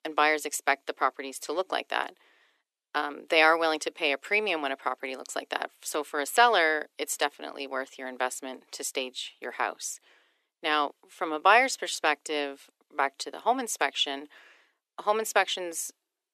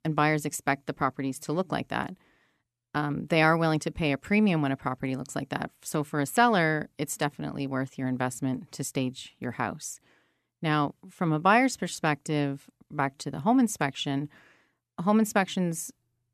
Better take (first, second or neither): second